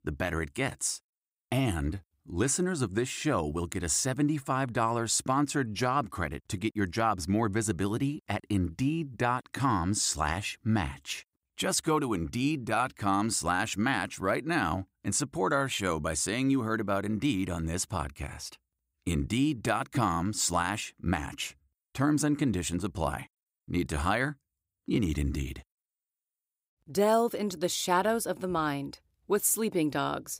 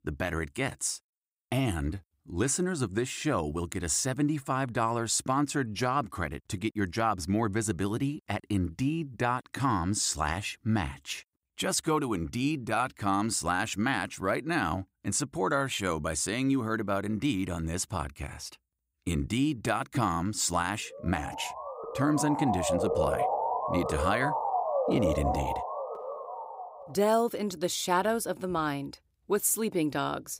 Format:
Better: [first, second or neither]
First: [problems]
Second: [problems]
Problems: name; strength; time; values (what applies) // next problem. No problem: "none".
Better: first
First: none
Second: siren; loud; from 21 to 27 s; peak 2 dB above the speech